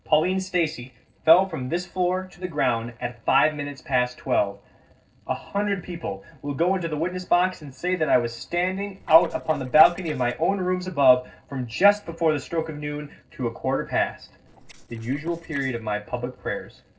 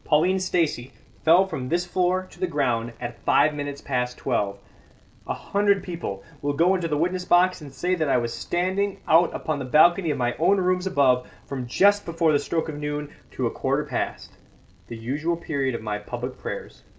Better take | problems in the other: second | noise reduction (neural separator model SepFormer DNS4)

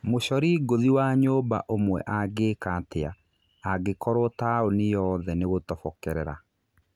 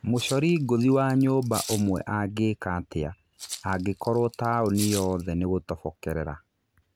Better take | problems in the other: first | background sound (Rattle (instrument)); 14 dB below the speech

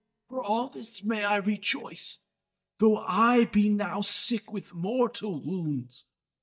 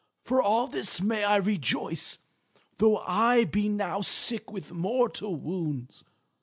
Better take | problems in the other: second | noise reduction (neural mask model DeepFilterNet 3)

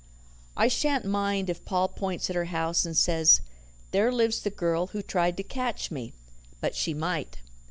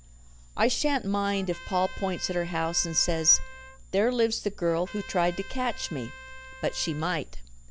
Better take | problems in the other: first | background sound (Trumpet); 18 dB below the speech

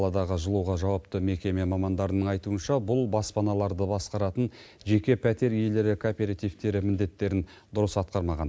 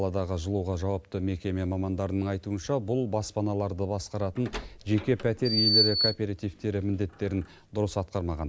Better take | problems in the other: first | background sound (Door); 2 dB below the speech

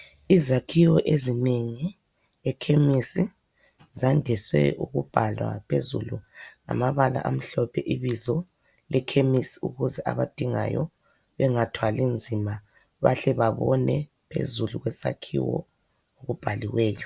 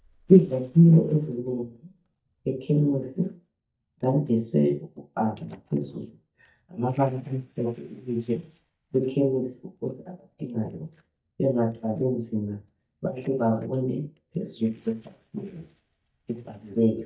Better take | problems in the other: first | noise reduction (neural mask model DeepFilterNet 3)

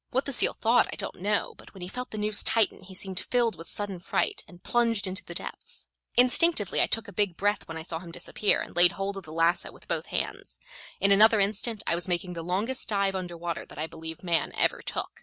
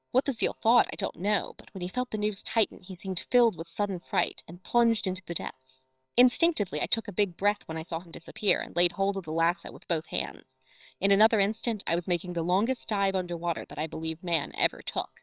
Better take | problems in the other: first | noise reduction (neural separator model SepFormer WHAMR!)

